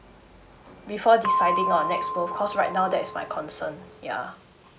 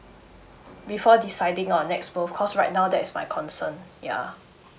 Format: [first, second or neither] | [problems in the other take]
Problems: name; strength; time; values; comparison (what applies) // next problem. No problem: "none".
second | background sound (Percussion); 2 dB below the speech